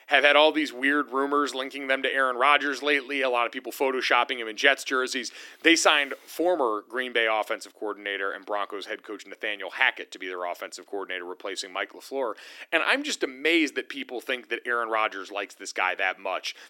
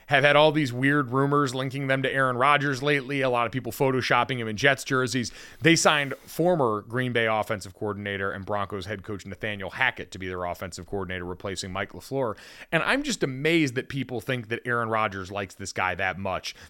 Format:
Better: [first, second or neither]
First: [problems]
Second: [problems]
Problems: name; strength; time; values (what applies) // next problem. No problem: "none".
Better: second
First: thin; somewhat; fading below 300 Hz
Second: none